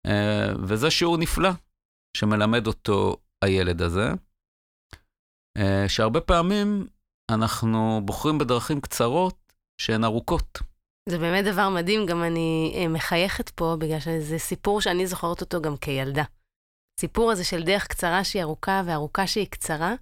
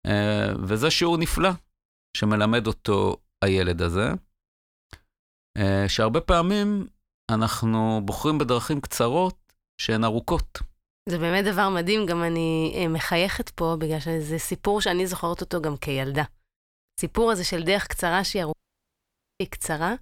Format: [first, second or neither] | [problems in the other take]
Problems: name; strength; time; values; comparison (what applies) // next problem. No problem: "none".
first | audio cutting out; at 19 s for 1 s